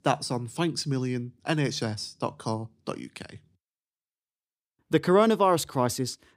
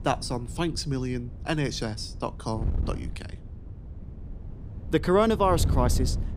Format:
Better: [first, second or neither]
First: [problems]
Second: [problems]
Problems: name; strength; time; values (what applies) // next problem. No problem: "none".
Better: first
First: none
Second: wind noise on the microphone; occasional gusts; 20 dB below the speech